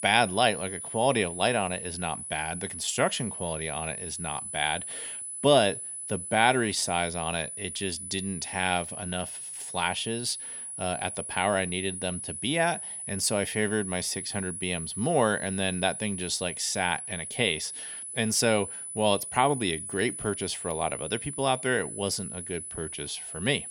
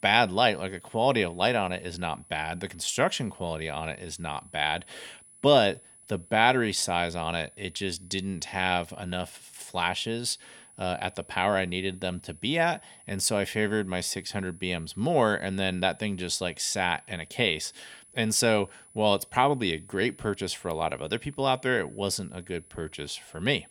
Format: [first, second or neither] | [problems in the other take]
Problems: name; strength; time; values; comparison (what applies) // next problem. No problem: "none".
second | high-pitched whine; loud; throughout; 10 kHz, 6 dB below the speech; faint in the second